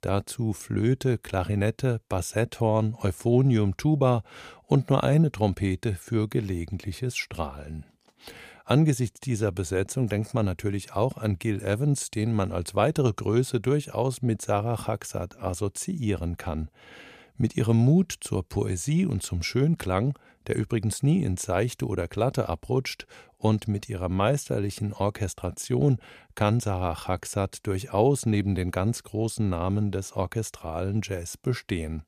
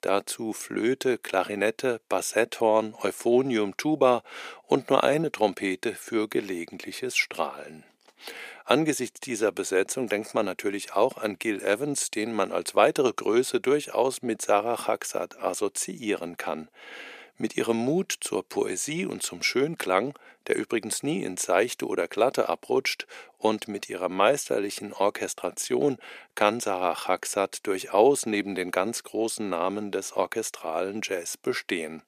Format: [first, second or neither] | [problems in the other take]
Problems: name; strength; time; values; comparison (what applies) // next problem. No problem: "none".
first | thin; somewhat; fading below 300 Hz